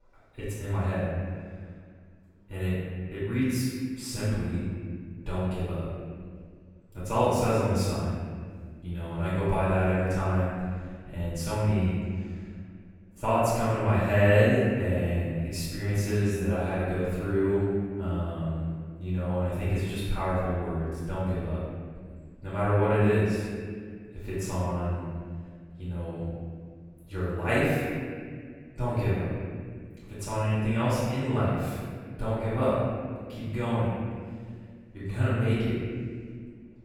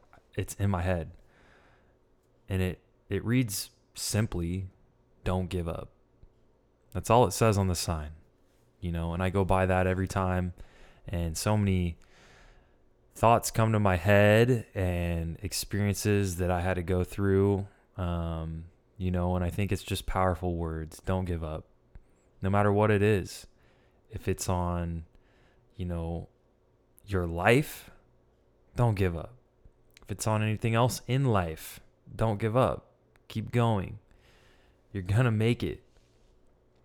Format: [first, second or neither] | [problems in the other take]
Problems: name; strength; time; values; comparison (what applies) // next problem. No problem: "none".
second | room echo; strong; dies away in 2 s // off-mic speech; far